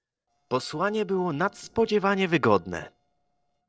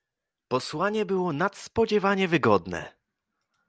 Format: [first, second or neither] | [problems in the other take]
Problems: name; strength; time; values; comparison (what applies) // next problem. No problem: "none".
second | noise reduction (neural separator model SepFormer DNS4)